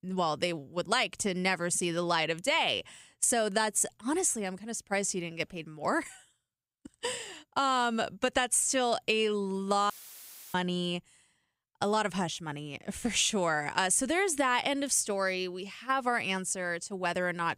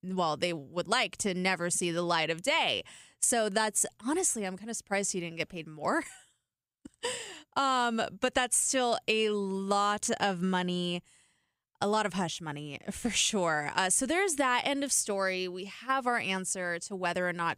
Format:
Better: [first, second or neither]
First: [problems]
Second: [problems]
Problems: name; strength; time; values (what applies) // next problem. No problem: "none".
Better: second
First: audio cutting out; filled with static; at 10 s for 0.5 s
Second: none